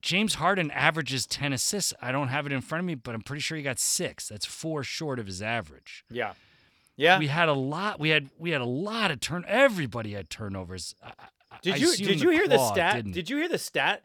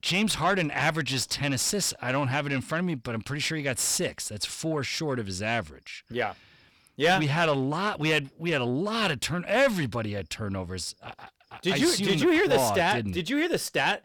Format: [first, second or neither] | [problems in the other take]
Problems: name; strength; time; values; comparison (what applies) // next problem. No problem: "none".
first | distortion; slight; 10 dB below the speech